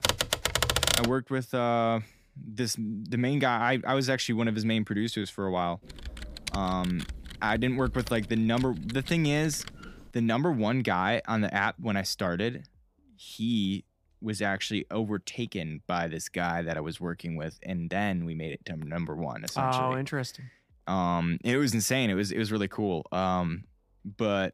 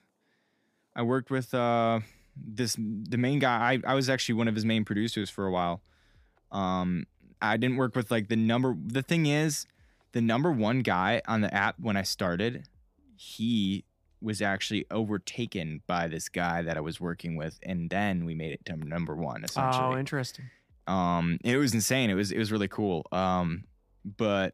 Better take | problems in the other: second | keyboard typing; loud; until 1 s; peak 5 dB above the speech // keyboard typing; noticeable; from 6 to 10 s; peak 7 dB below the speech

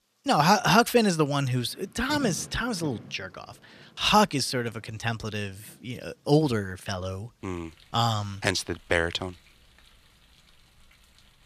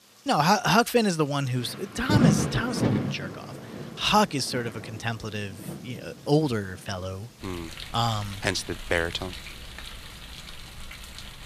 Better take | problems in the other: first | rain or running water; loud; throughout; 5 dB below the speech; faint in the first

